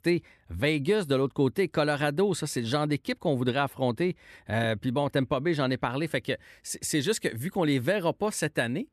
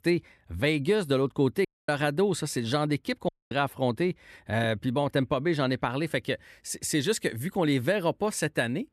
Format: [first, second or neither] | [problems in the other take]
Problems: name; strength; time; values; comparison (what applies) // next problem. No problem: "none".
first | audio cutting out; at 1.5 s and at 3.5 s